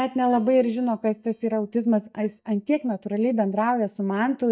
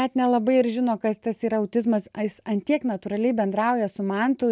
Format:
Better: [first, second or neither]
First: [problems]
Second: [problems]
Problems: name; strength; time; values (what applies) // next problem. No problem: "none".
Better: second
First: noise reduction (neural mask model DeepFilterNet 3)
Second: none